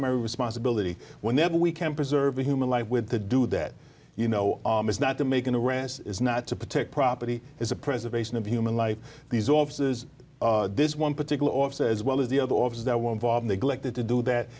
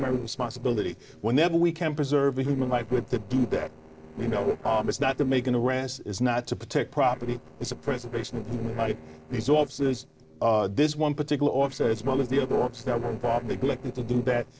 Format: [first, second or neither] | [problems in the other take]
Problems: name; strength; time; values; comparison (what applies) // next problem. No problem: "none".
first | noise reduction (neural separator model SepFormer DNS4)